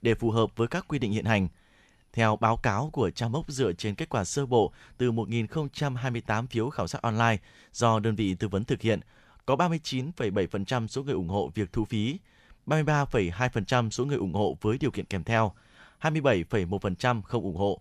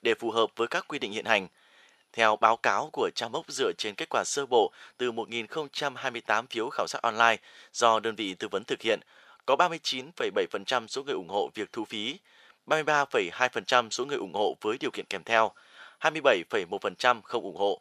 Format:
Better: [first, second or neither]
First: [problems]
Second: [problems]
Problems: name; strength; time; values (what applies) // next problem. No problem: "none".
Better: first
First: none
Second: thin; very; fading below 500 Hz